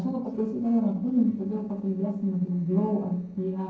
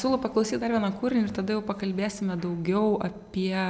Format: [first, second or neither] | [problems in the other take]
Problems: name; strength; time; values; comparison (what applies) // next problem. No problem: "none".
second | noise reduction (neural separator model SepFormer DNS4)